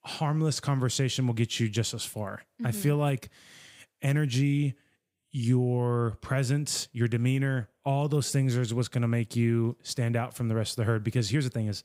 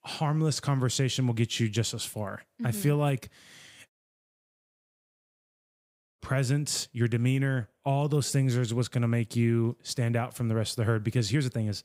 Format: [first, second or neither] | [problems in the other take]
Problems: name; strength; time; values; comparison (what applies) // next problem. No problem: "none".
first | audio cutting out; at 4 s for 2.5 s